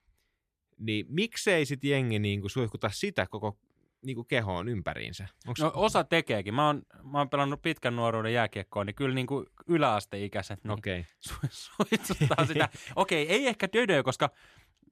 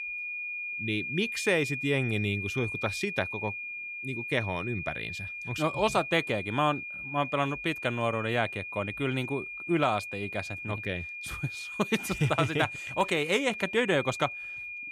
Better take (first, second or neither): first